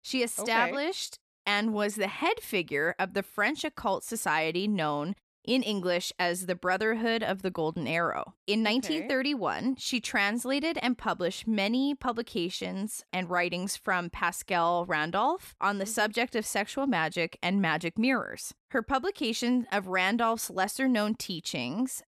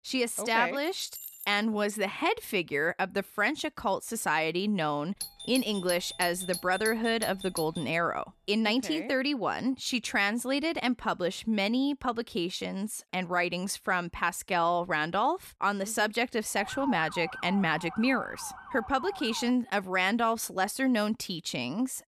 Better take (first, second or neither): first